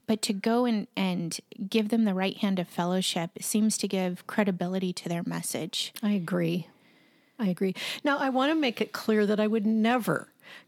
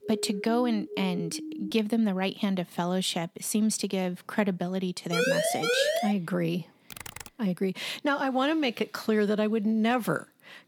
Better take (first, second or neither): first